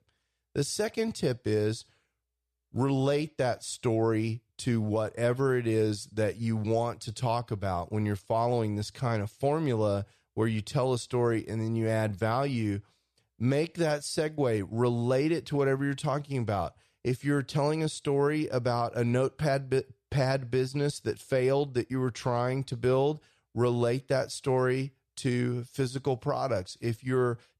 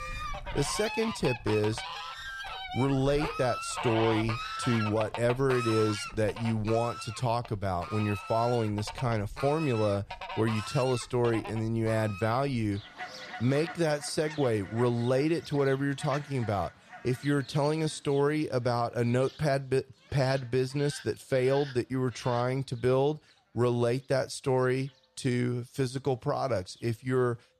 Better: first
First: none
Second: animal sounds; loud; throughout; 10 dB below the speech

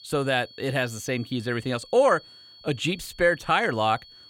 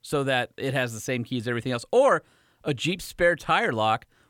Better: second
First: high-pitched whine; faint; throughout; 4.5 kHz, 20 dB below the speech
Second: none

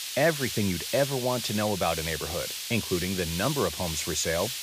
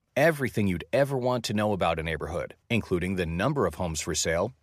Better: second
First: hiss; loud; throughout; 4 dB below the speech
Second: none

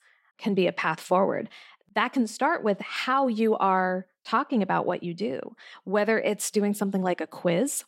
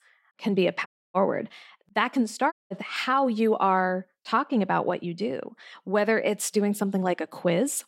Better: first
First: none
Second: audio cutting out; at 1 s and at 2.5 s

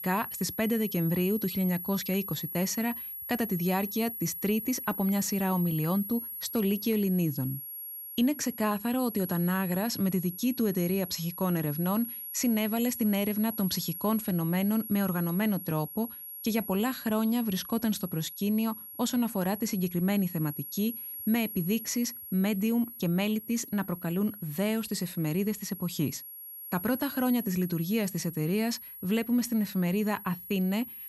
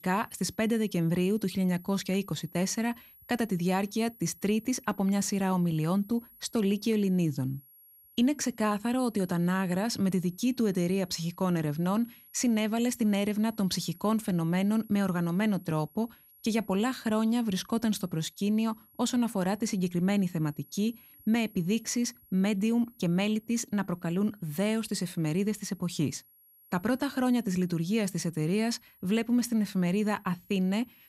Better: second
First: high-pitched whine; loud; throughout; 11.5 kHz, 8 dB below the speech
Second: high-pitched whine; faint; throughout; 11.5 kHz, 25 dB below the speech

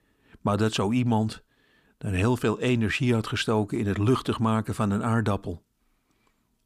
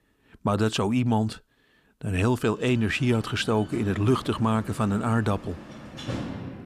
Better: first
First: none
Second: door banging; noticeable; from 3 s on; peak 7 dB below the speech

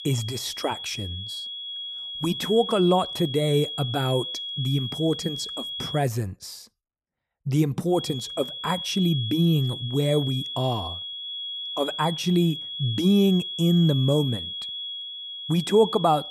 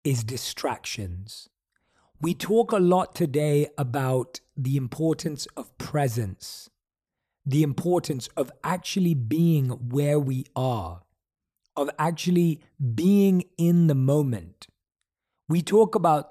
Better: second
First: high-pitched whine; loud; until 6 s and from 8 s on; 3.5 kHz, 7 dB below the speech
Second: none

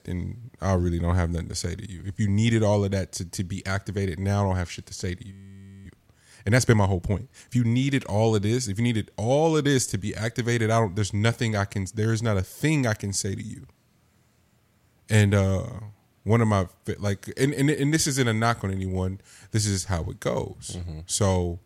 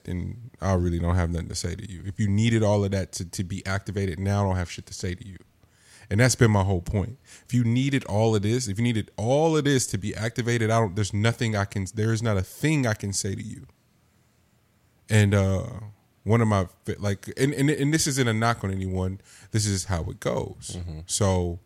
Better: second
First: audio freezing; at 5.5 s for 0.5 s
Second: none

